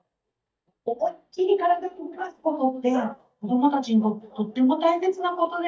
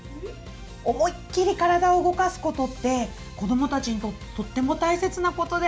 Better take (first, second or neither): second